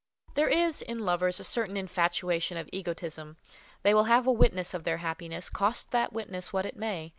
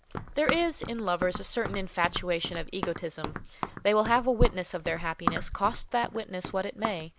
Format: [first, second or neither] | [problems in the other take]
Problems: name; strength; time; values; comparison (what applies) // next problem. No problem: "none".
first | background sound (Run); 8 dB below the speech